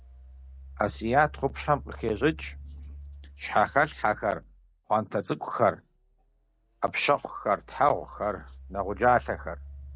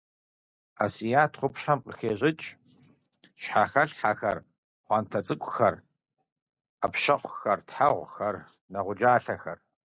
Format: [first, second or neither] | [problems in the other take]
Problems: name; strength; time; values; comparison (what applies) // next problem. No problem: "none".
second | background sound (Engine); 17 dB below the speech